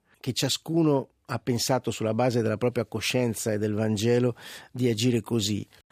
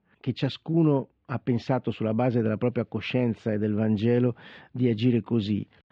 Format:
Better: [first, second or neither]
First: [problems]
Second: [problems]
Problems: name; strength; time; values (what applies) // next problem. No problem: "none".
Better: first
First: none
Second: muffled; very; fading above 3 kHz